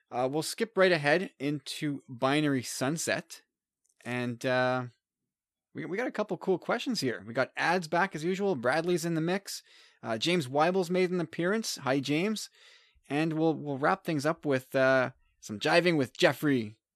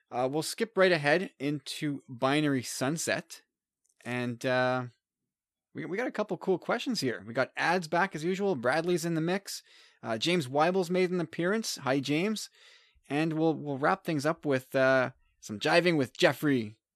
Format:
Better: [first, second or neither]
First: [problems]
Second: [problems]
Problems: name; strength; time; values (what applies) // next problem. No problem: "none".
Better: neither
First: none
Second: none